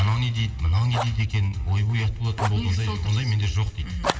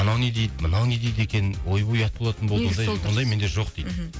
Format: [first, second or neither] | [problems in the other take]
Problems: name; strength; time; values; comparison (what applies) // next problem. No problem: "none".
second | background sound (Fire); 12 dB below the speech // room echo; dies away in 2.5 s